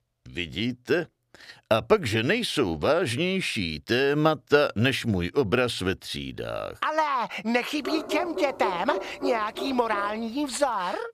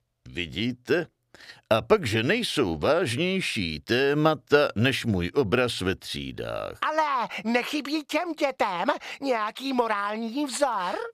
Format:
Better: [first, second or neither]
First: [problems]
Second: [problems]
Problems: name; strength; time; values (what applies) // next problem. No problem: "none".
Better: second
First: dog barking; noticeable; from 8 to 10 s; peak 6 dB below the speech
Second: none